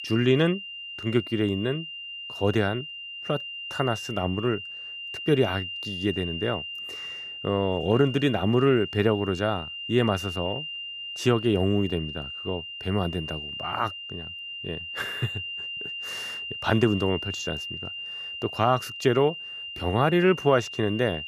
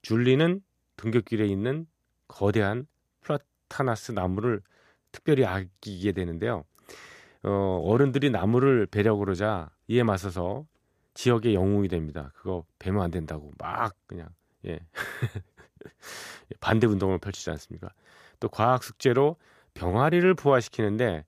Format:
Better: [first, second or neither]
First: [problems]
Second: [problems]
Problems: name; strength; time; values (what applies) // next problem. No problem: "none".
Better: second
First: high-pitched whine; loud; throughout; 3 kHz, 8 dB below the speech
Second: none